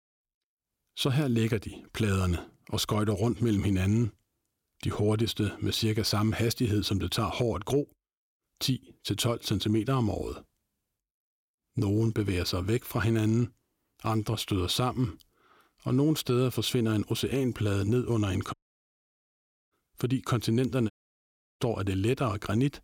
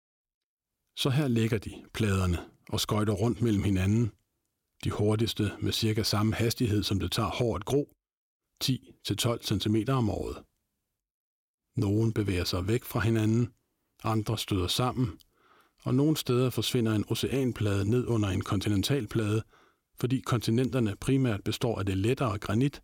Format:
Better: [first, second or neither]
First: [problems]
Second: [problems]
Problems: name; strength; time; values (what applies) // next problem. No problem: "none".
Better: second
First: audio cutting out; at 19 s for 1 s and at 21 s for 0.5 s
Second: none